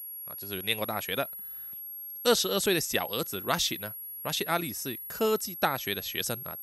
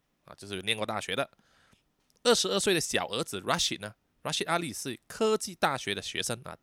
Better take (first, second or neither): second